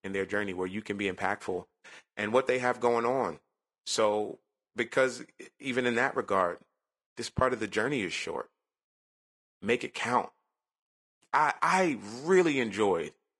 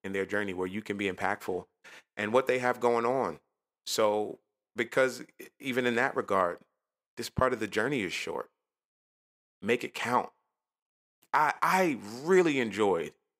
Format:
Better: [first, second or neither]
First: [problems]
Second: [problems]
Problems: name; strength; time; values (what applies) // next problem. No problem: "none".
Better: second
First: garbled, watery; slightly; nothing above 10.5 kHz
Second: none